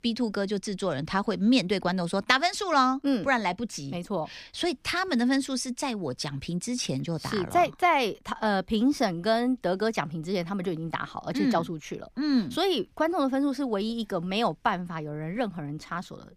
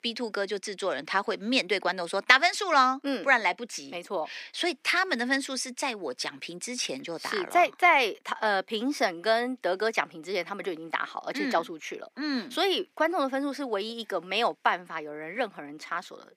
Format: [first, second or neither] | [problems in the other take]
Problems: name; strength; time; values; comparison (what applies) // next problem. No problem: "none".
first | thin; somewhat; fading below 350 Hz